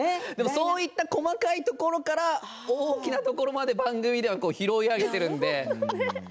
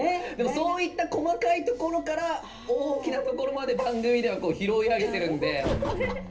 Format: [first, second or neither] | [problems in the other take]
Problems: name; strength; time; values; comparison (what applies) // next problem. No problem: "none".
first | background sound (Train); 14 dB below the speech // room echo; dies away in 0.3 s